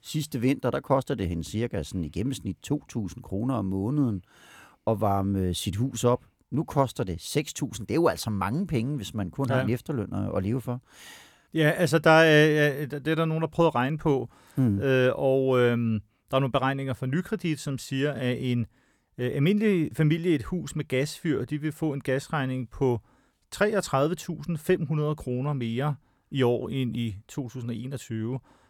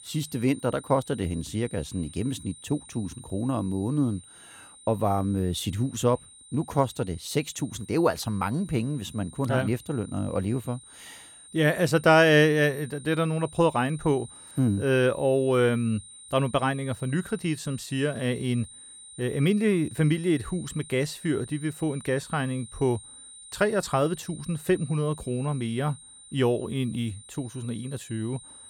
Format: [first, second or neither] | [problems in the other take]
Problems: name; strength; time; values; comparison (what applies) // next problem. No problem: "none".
first | high-pitched whine; noticeable; throughout; 9 kHz, 20 dB below the speech